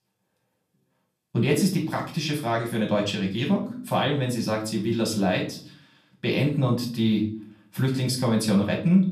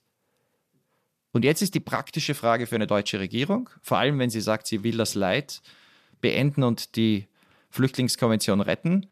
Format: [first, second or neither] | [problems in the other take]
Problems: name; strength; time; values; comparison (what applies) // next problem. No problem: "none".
second | off-mic speech; far // room echo; slight; dies away in 0.4 s